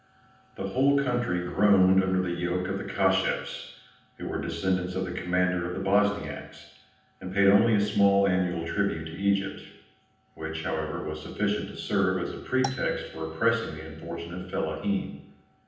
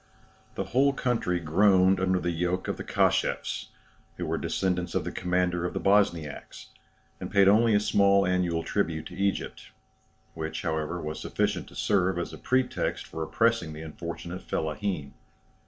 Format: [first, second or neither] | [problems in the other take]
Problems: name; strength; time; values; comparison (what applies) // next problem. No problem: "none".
second | background sound (Marimba, xylophone); 15 dB below the speech // room echo; dies away in 0.9 s